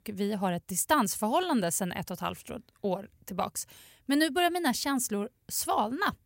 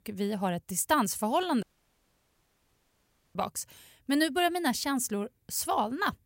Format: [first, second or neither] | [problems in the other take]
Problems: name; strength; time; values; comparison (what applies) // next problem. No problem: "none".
first | audio cutting out; at 1.5 s for 1.5 s